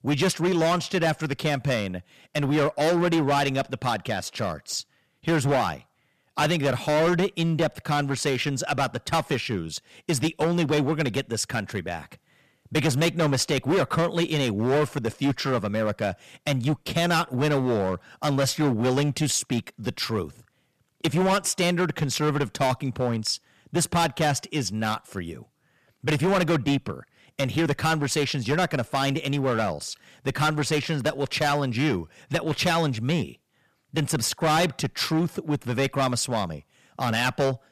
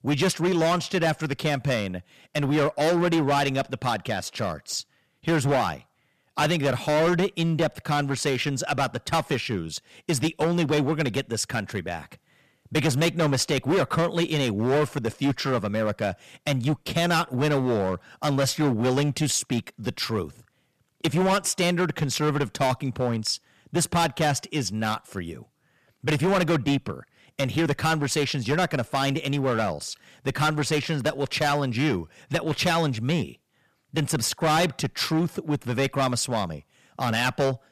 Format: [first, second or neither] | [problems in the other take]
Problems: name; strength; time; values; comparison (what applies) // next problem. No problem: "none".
neither | distortion; heavy; 11% of the sound clipped; the same in both